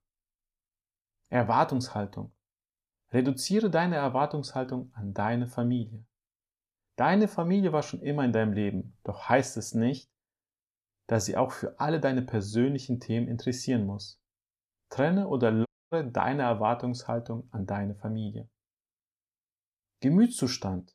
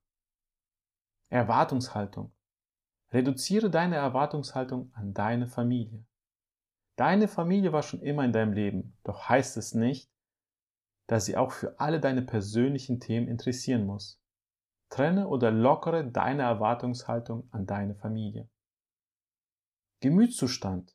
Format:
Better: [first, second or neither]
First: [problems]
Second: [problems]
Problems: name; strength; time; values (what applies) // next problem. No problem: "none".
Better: second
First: audio cutting out; at 16 s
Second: none